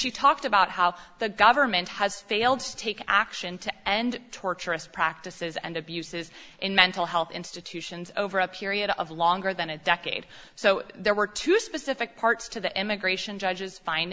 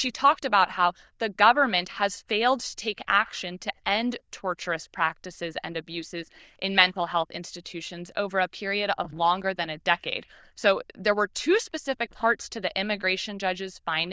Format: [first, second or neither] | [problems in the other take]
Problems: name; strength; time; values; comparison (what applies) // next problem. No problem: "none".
first | noise reduction (neural diffusion model UNIVERSE++)